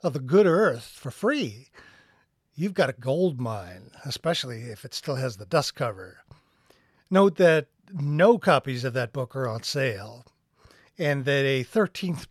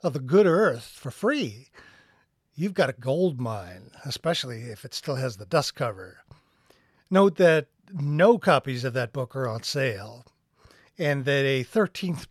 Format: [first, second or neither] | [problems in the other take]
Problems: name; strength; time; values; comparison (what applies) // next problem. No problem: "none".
neither | none